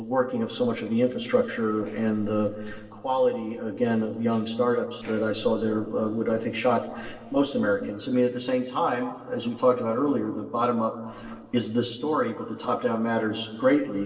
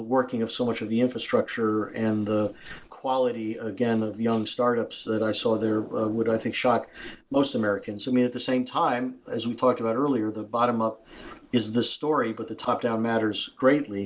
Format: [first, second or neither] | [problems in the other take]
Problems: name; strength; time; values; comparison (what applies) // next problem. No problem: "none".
second | noise reduction (neural separator model SepFormer DNS4)